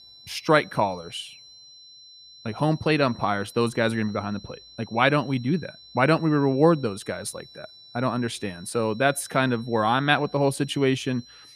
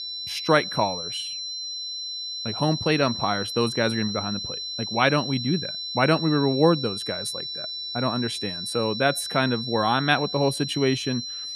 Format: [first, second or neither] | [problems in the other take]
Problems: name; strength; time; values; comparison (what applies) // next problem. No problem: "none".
first | high-pitched whine; loud; throughout; 4 kHz, 5 dB below the speech; faint in the first